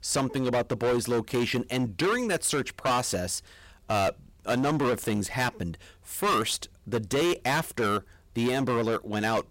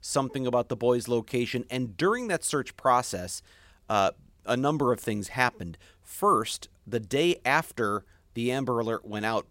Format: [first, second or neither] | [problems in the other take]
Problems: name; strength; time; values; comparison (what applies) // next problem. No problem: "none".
second | distortion; heavy; 16% of the sound clipped